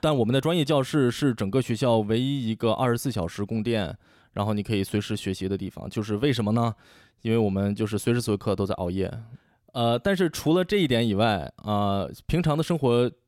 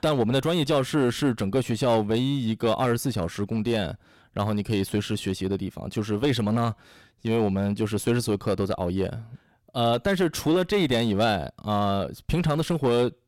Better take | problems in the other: first | distortion; slight; 7% of the sound clipped

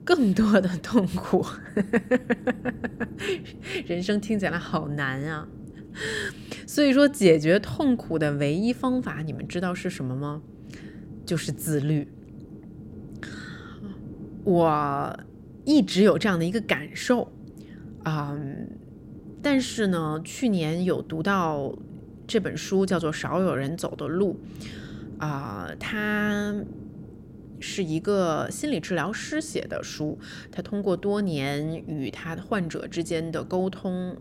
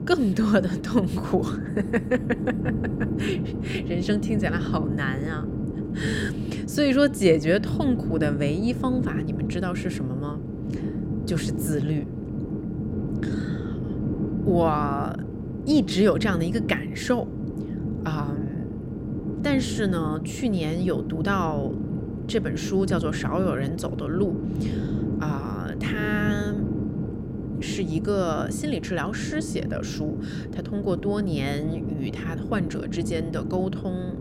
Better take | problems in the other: first | low rumble; loud; throughout; 7 dB below the speech; faint in the first

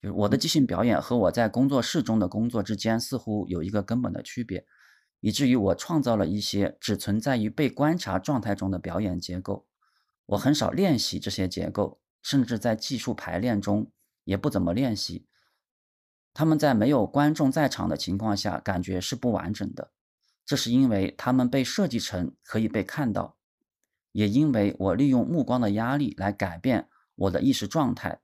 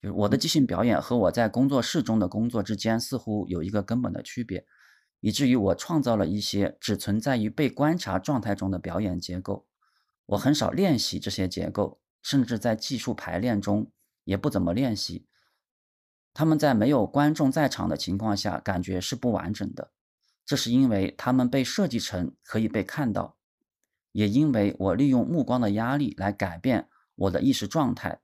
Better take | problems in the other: neither | none

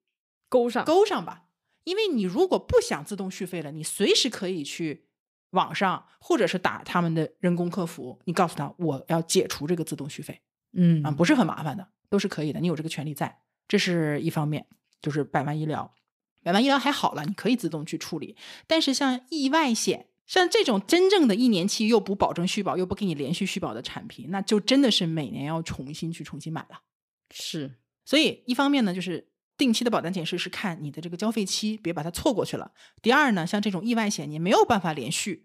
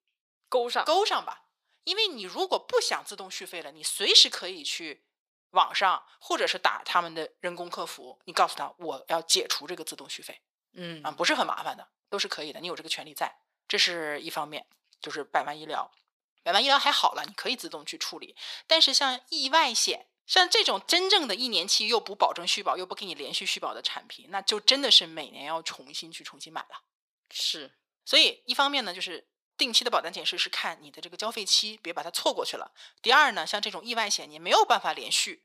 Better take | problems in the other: first | thin; very; fading below 700 Hz

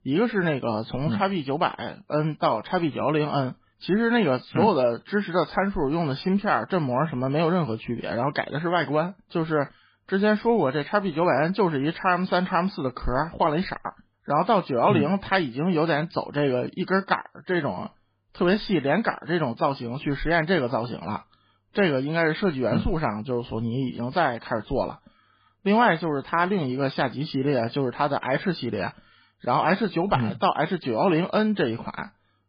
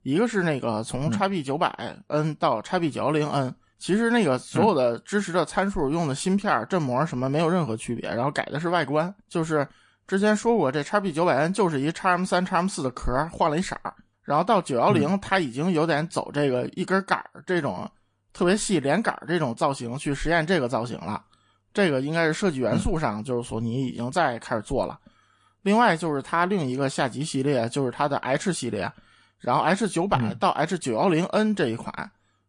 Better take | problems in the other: second | garbled, watery; badly; nothing above 5 kHz; slightly in the second

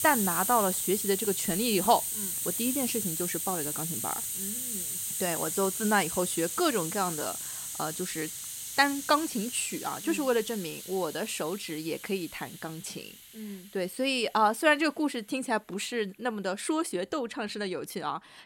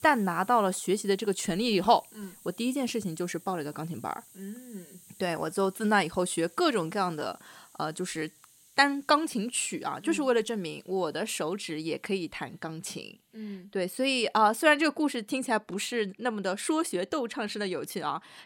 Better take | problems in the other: second | hiss; loud; throughout; 2 dB below the speech; faint in the second

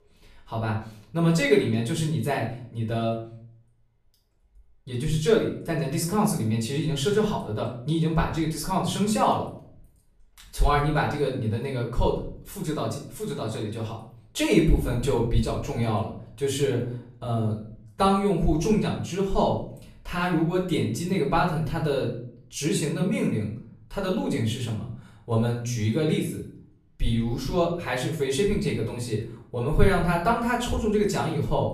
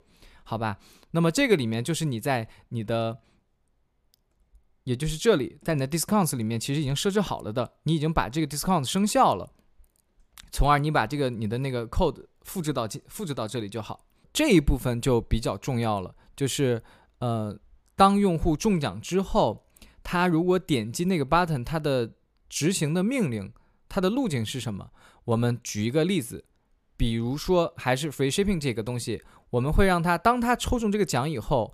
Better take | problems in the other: second | off-mic speech; far // room echo; slight; dies away in 0.5 s

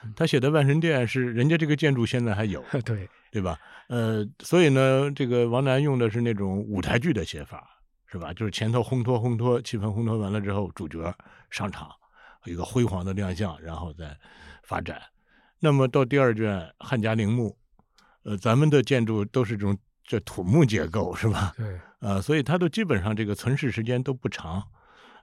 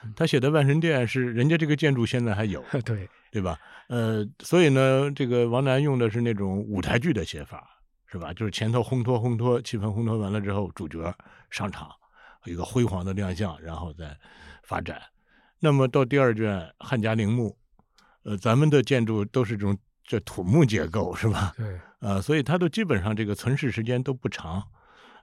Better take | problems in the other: neither | none

